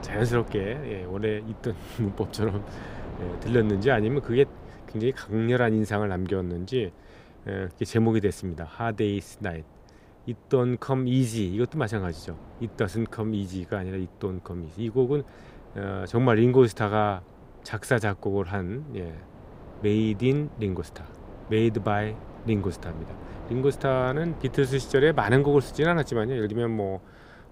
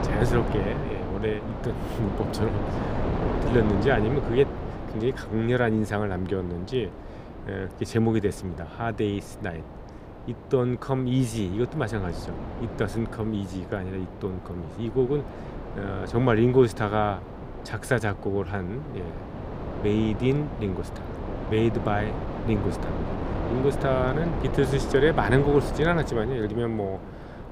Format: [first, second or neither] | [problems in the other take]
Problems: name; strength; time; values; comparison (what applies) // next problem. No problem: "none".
first | wind noise on the microphone; heavy; 8 dB below the speech; occasional gusts in the first